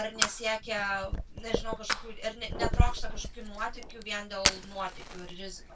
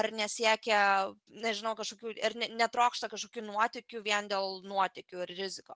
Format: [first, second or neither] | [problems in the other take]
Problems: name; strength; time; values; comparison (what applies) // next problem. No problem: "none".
second | background sound (Fire); 4 dB above the speech // room echo; dies away in 0.1 s